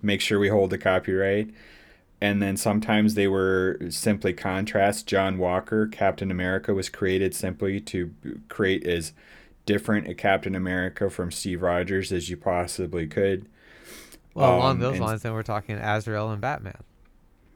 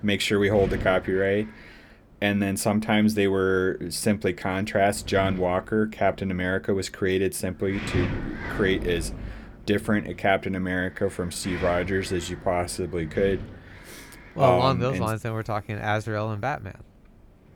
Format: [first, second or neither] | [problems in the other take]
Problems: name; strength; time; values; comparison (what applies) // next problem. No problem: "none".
first | wind noise on the microphone; occasional gusts; 15 dB below the speech